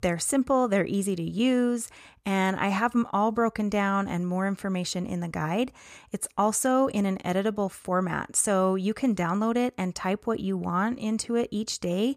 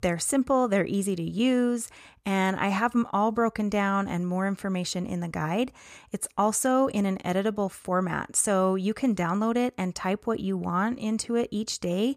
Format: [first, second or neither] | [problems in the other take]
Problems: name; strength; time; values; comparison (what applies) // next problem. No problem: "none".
neither | none